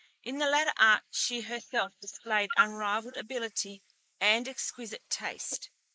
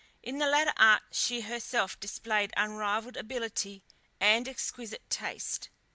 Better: second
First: noise reduction (neural mask model Resemble Enhance denoiser)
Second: none

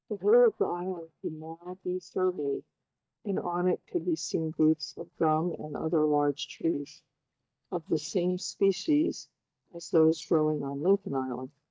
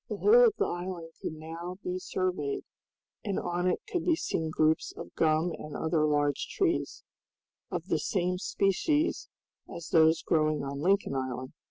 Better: second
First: noise reduction (neural mask model DeepFilterNet 3)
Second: none

